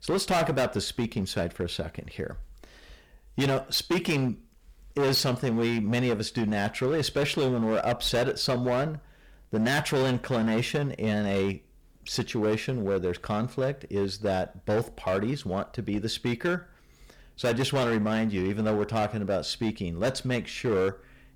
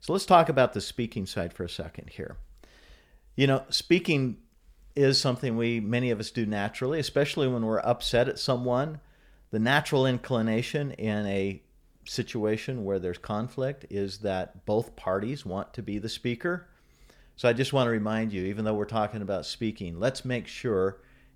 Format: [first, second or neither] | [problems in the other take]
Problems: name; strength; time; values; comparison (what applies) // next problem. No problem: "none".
second | distortion; heavy; 12% of the sound clipped